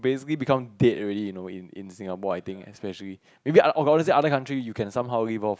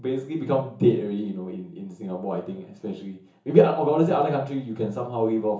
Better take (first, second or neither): first